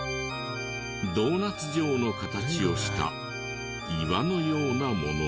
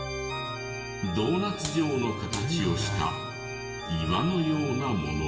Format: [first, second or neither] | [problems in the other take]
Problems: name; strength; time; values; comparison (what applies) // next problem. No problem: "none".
first | background sound (Clapping); 14 dB below the speech // room echo; dies away in 1.1 s